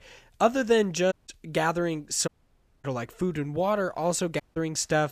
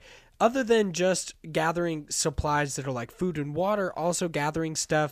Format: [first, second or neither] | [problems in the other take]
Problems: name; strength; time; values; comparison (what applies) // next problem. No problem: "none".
second | audio cutting out; at 1 s, at 2.5 s for 0.5 s and at 4.5 s